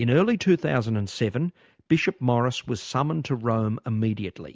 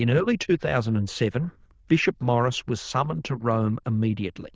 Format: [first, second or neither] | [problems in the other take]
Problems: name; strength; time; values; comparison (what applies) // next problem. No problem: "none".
first | noise reduction (neural diffusion model UNIVERSE++)